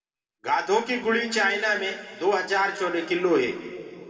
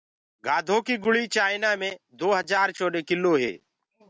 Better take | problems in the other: second | room echo; dies away in 2.2 s

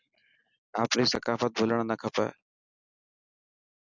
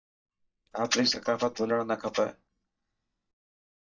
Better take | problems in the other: first | noise reduction (neural mask model DeepFilterNet 3)

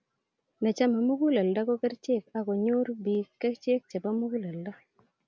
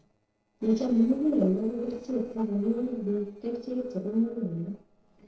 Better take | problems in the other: first | noise reduction (neural separator model SepFormer DNS4)

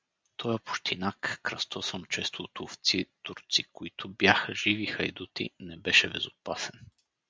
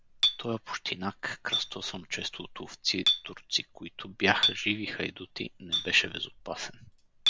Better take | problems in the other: first | background sound (Chink, clink); 1 dB below the speech

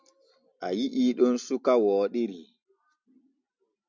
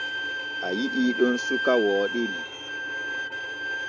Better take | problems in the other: first | background sound (Bowed string instrument); 3 dB below the speech

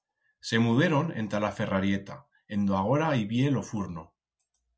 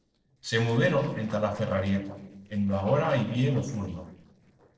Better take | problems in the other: first | noise reduction (neural separator model SepFormer DNS4)

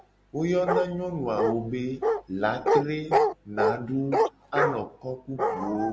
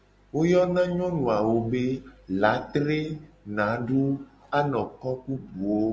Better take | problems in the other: second | background sound (Bark); 1 dB above the speech

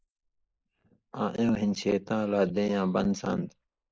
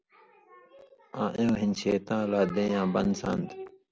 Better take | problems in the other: second | noise reduction (neural mask model Resemble Enhance denoiser)

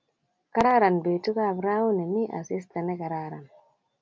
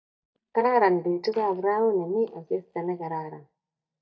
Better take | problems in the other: first | noise reduction (neural mask model DeepFilterNet 3)

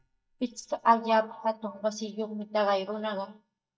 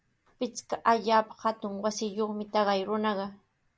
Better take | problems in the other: second | noise reduction (neural mask model DeepFilterNet 3)

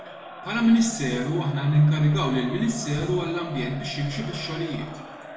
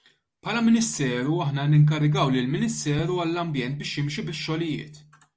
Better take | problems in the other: second | background sound (Crowd); 16 dB below the speech // room echo; dies away in 1 s

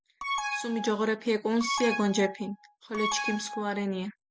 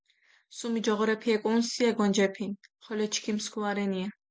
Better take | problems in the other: second | background sound (Alarm); 5 dB below the speech

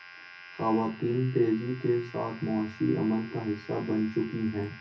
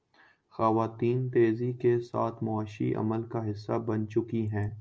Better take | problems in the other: second | background sound (Domestic sounds, home sounds); 19 dB below the speech // room echo; dies away in 0.3 s

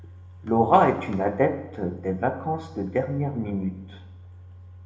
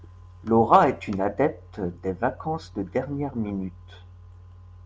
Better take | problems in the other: second | room echo; dies away in 0.8 s

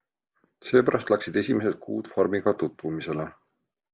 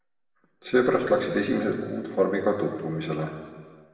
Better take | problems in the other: first | room echo; dies away in 1.5 s

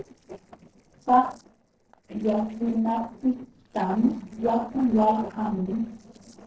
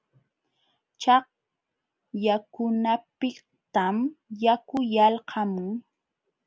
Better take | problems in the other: second | noise reduction (neural separator model SepFormer DNS4)

